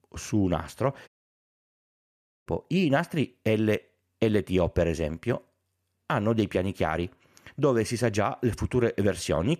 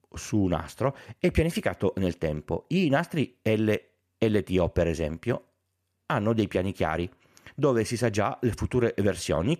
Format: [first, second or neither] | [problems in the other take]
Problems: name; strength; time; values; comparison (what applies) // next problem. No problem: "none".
second | audio cutting out; at 1 s for 1.5 s